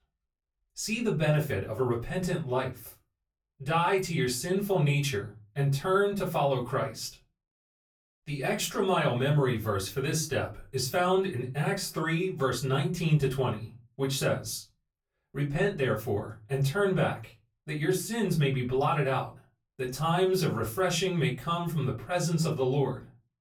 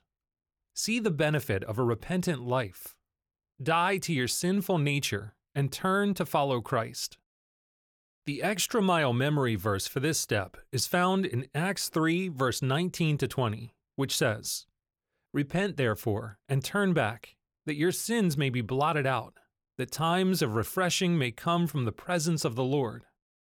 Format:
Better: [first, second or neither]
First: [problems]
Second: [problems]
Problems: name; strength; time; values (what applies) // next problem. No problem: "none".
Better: second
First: off-mic speech; far // room echo; very slight; dies away in 0.2 s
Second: none